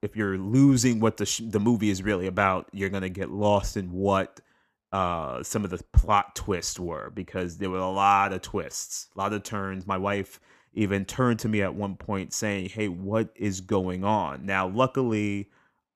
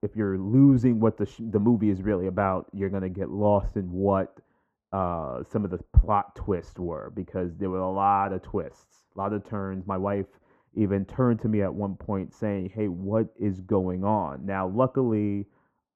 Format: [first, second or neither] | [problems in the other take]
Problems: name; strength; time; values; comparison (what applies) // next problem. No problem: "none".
first | muffled; very; fading above 2.5 kHz